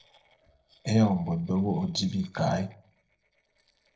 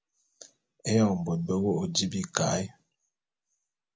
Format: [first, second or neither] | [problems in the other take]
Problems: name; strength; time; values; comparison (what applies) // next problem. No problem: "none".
second | noise reduction (neural separator model SepFormer DNS4)